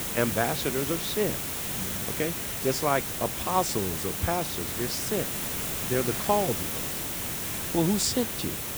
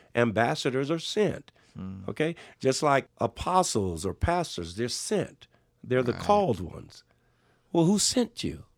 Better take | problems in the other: second | hiss; loud; throughout; 1 dB below the speech

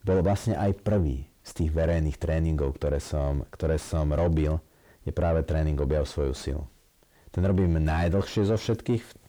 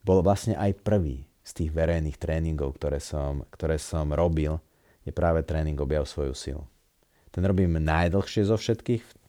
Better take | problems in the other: second | distortion; slight; 10 dB below the speech

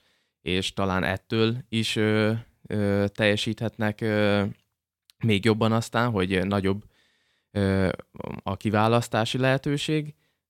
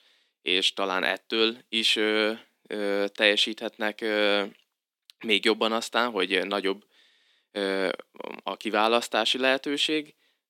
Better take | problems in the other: first | thin; somewhat; fading below 250 Hz

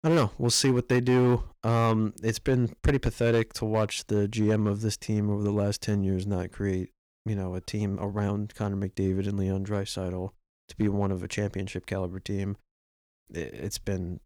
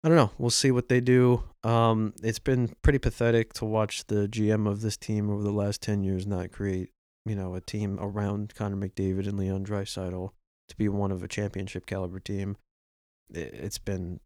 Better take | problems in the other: second | distortion; slight; 3% of the sound clipped

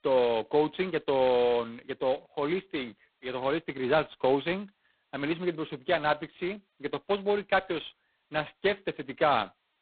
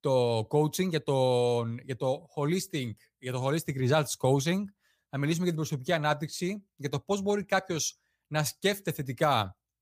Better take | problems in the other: second | phone-call audio; poor line; nothing above 4 kHz

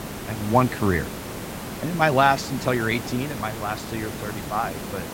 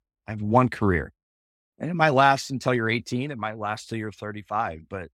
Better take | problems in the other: second | hiss; loud; throughout; 9 dB below the speech

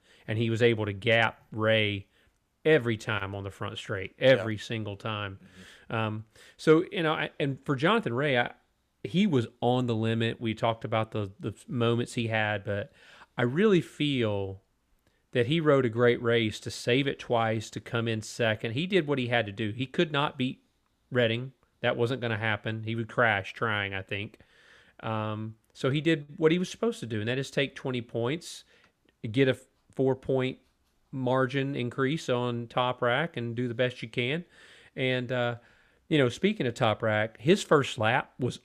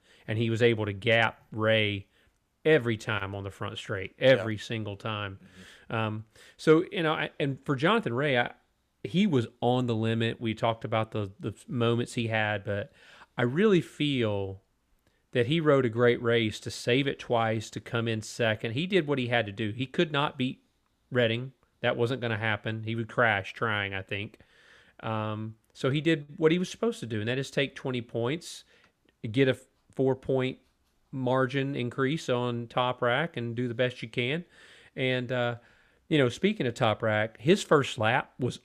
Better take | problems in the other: neither | none

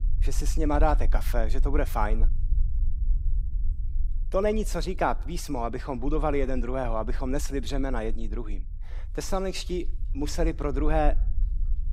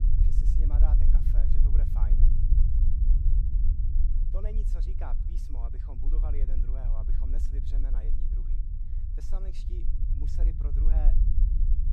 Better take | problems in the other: first | low rumble; loud; throughout; as loud as the speech; faint in the first

